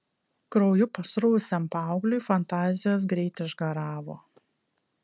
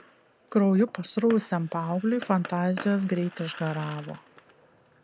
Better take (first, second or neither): first